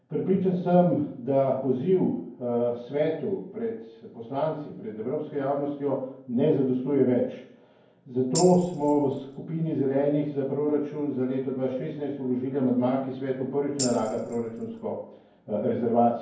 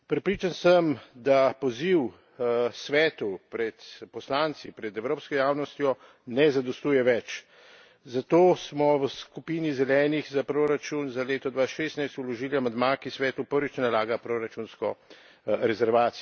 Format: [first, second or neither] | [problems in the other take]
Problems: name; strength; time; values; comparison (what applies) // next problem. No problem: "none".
second | background sound (Tambourine); 12 dB below the speech // room echo; dies away in 0.9 s